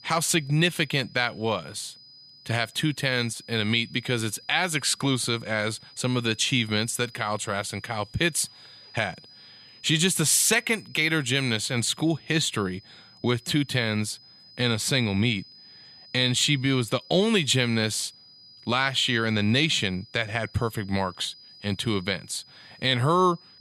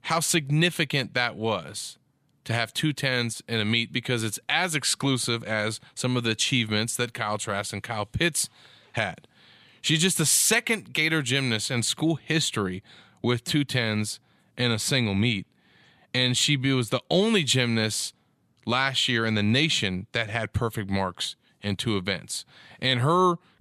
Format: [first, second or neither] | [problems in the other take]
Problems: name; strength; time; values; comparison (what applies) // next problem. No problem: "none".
second | high-pitched whine; faint; throughout; 5 kHz, 25 dB below the speech